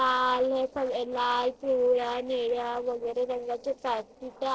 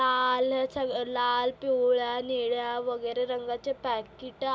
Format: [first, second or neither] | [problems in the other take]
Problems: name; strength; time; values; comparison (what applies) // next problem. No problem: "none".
second | noise reduction (neural separator model SepFormer DNS4)